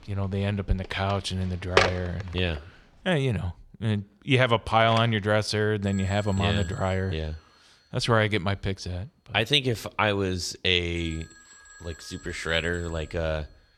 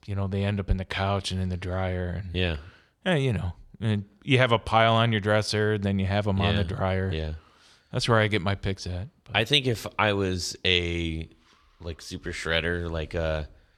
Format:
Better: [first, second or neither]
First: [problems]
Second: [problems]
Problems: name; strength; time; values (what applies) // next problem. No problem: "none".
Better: second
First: alarms or sirens; loud; throughout; 6 dB below the speech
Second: none